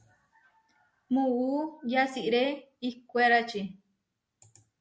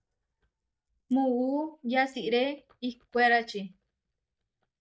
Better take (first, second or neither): first